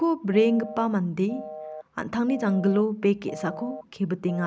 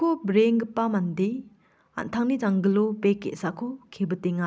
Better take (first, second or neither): second